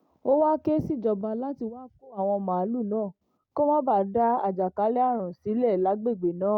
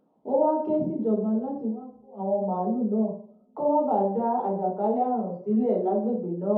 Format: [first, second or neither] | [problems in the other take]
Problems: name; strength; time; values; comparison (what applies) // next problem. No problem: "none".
first | room echo; dies away in 0.6 s